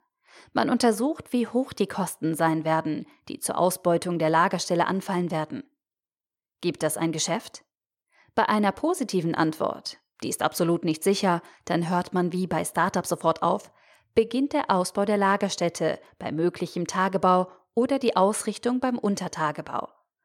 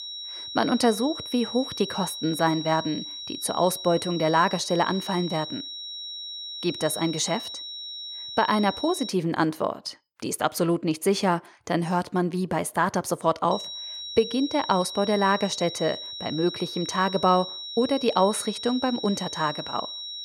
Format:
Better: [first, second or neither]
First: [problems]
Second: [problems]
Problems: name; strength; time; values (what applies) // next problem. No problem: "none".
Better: first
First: none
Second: high-pitched whine; loud; until 9 s and from 14 s on; 4 kHz, 8 dB below the speech